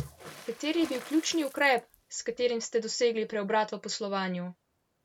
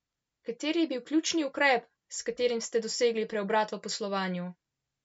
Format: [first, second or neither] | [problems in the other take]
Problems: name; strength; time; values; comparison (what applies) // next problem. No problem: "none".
second | background sound (Water / Splash, splatter); 19 dB below the speech